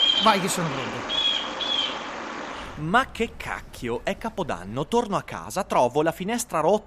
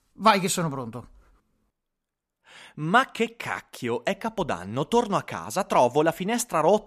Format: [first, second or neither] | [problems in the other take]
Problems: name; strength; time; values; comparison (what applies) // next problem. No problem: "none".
second | animal sounds; very loud; throughout; as loud as the speech